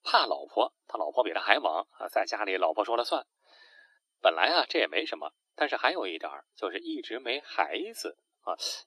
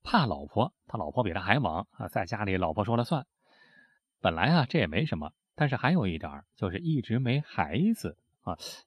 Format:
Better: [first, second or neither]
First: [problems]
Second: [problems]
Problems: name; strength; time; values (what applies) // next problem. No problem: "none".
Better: second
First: thin; very; fading below 300 Hz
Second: none